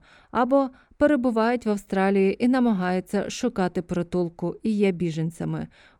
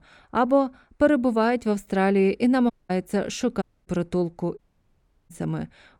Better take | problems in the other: first | audio cutting out; at 2.5 s, at 3.5 s and at 4.5 s for 0.5 s

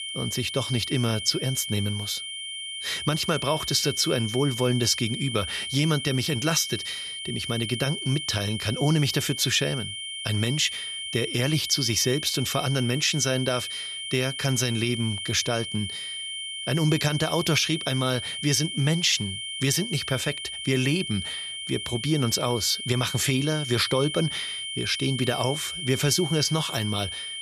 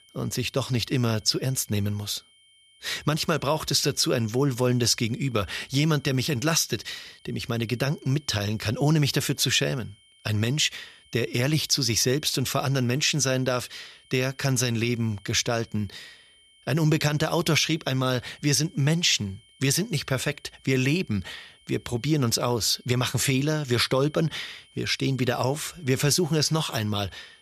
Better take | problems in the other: second | high-pitched whine; loud; throughout; 3 kHz, 6 dB below the speech; faint in the second

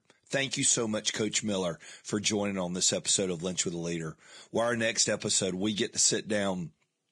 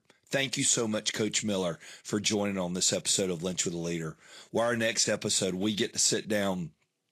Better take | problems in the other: second | garbled, watery; badly; slightly in the second

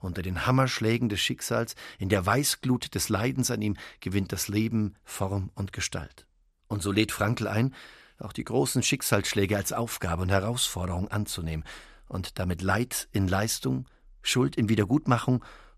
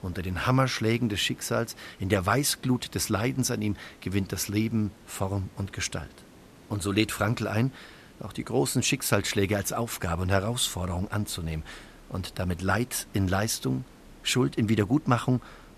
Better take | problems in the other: first | hiss; faint; throughout; 25 dB below the speech

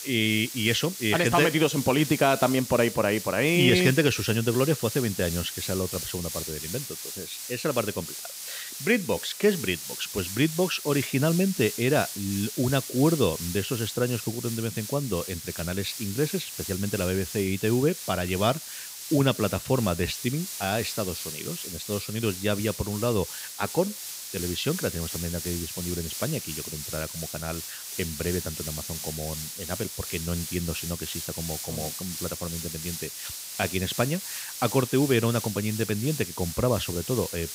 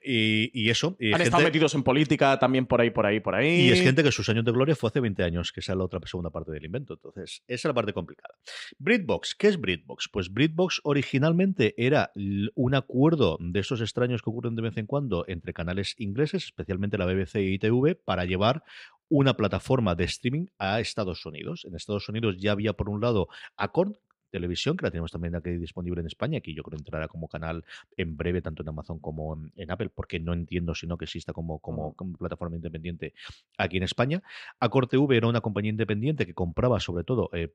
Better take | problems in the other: second | hiss; loud; throughout; 7 dB below the speech

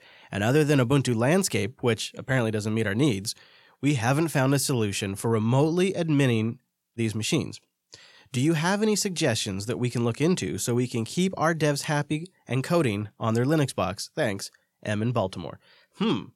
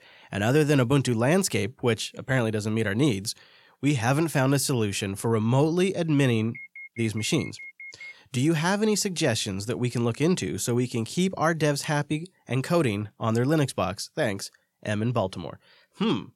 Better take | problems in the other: first | alarm; faint; from 6.5 to 8 s; peak 15 dB below the speech

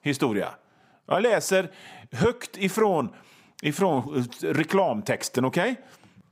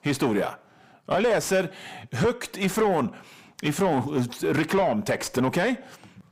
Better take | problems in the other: first | distortion; slight; 10 dB below the speech

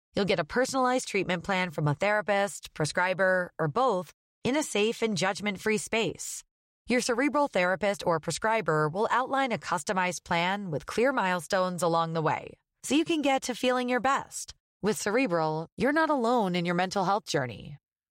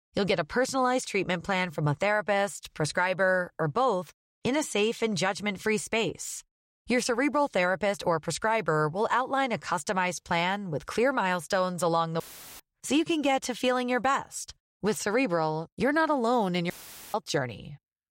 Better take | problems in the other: first | audio cutting out; filled with static; at 12 s and at 17 s

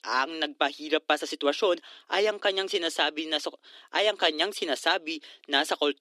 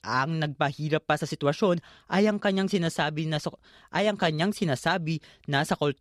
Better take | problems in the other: second | thin; somewhat; fading below 300 Hz

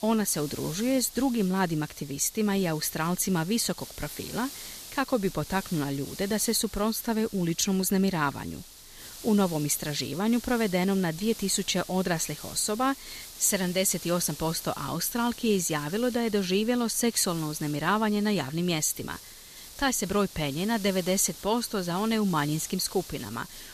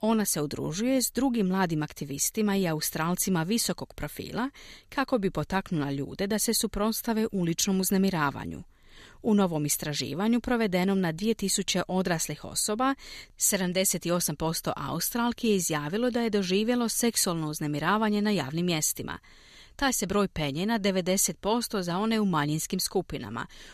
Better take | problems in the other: second | hiss; noticeable; throughout; 15 dB below the speech

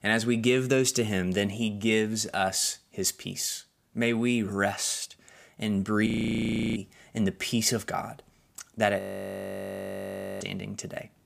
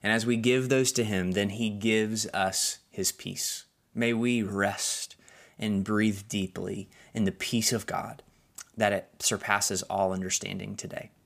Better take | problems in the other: second | audio freezing; at 6 s for 0.5 s and at 9 s for 1.5 s

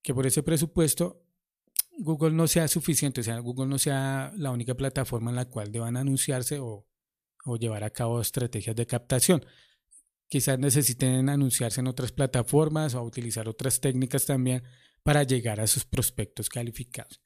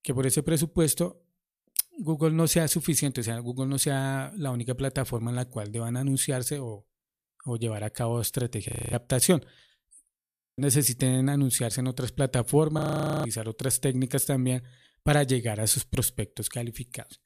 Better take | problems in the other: first | audio freezing; at 8.5 s, at 10 s and at 13 s

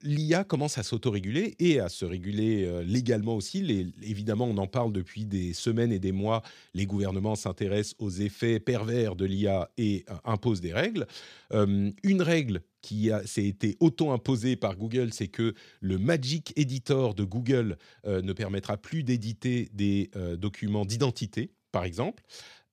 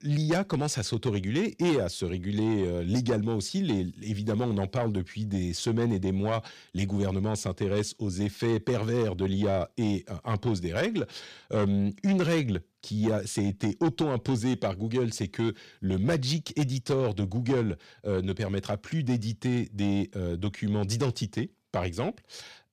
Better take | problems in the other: first | distortion; slight; 10 dB below the speech

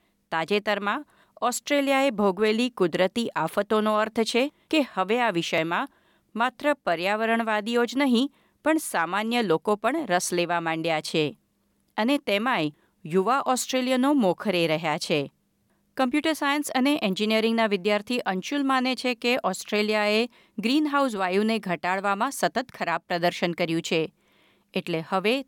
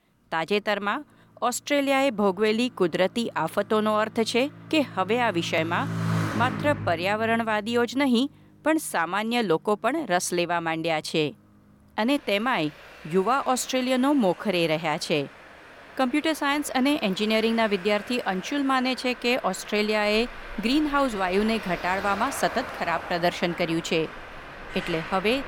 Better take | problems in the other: first | traffic noise; noticeable; throughout; 10 dB below the speech

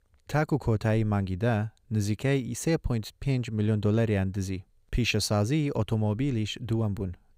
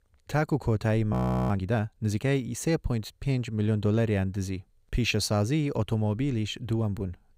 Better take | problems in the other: first | audio freezing; at 1 s

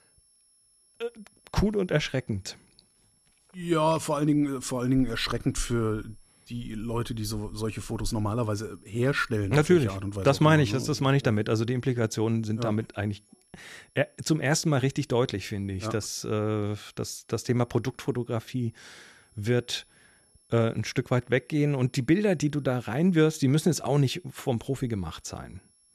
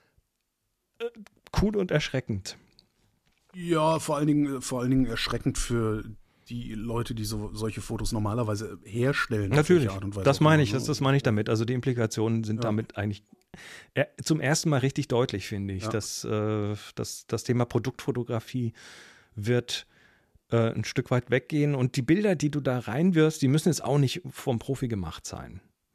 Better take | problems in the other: second | high-pitched whine; faint; throughout; 11 kHz, 35 dB below the speech

